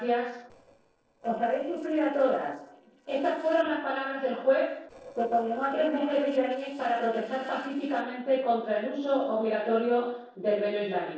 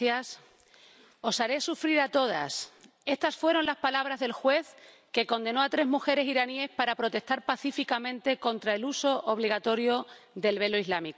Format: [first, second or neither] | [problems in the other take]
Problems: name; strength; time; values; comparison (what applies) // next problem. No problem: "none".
second | noise reduction (neural separator model SepFormer DNS4)